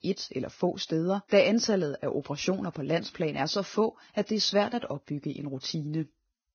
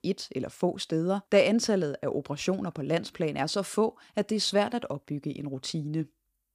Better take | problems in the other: second | garbled, watery; badly; nothing above 6 kHz

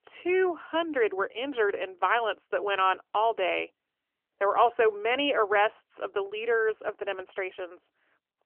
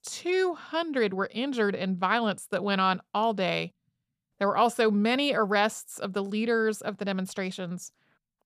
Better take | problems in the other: second | phone-call audio; nothing above 3 kHz

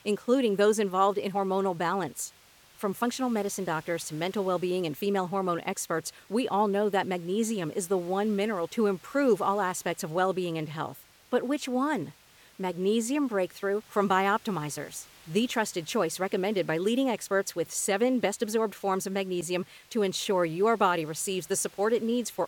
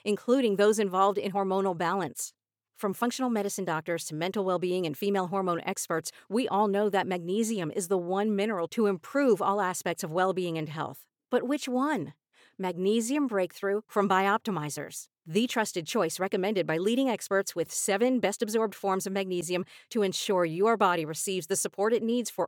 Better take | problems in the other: second | hiss; faint; throughout; 25 dB below the speech

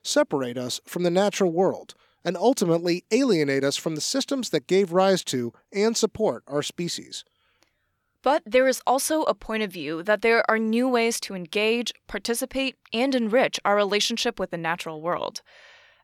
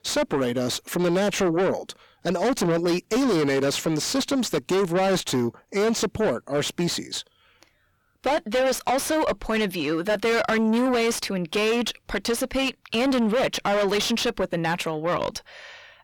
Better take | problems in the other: first | distortion; heavy; 6 dB below the speech

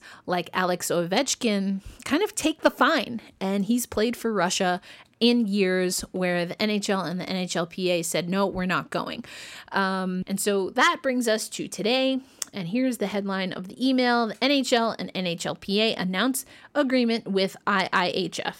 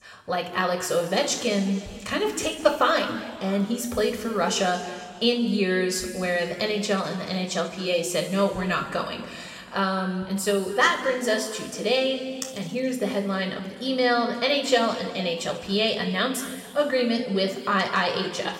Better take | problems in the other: first | room echo; noticeable; dies away in 1.9 s // off-mic speech; somewhat distant

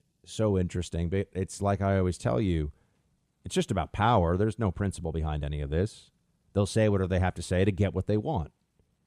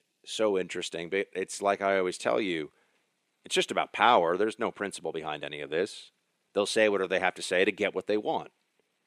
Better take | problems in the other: first | thin; very; fading below 300 Hz

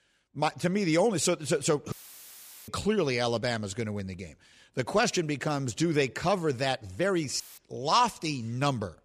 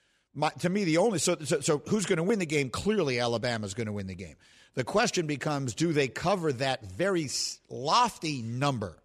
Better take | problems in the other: second | audio cutting out; filled with static; at 2 s for 1 s and at 7.5 s

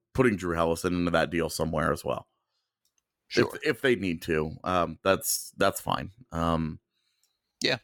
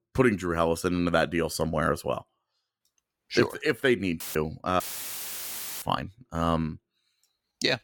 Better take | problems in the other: first | audio cutting out; filled with static; at 4 s and at 5 s for 1 s

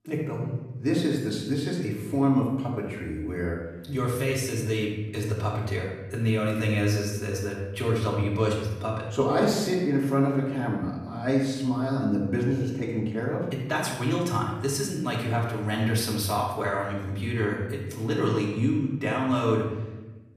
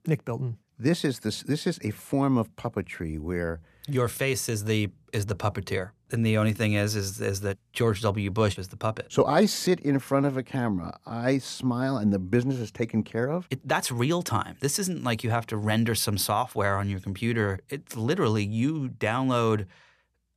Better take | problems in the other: second | off-mic speech; far // room echo; noticeable; dies away in 1 s

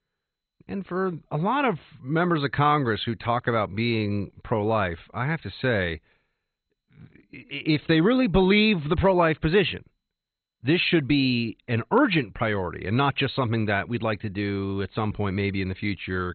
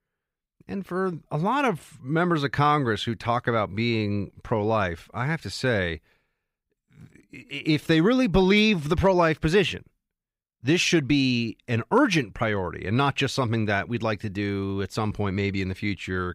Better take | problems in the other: second | garbled, watery; badly; nothing above 4 kHz

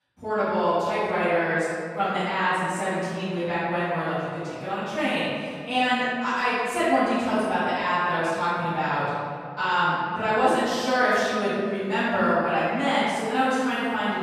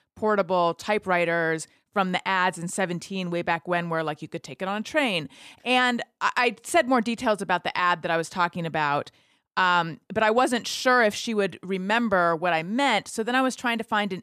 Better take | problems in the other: second | off-mic speech; far // room echo; strong; dies away in 2.1 s

